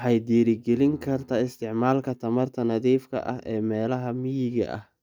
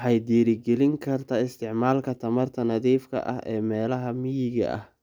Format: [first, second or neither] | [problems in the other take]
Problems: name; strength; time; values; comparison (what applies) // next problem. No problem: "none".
second | noise reduction (neural mask model DeepFilterNet 3)